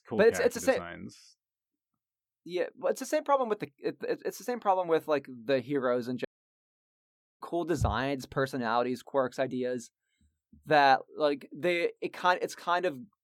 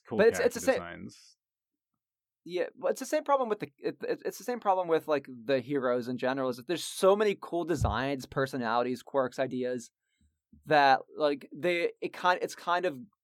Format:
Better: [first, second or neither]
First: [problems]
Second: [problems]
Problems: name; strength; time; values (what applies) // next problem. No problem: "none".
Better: second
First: audio cutting out; at 6.5 s for 1 s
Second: none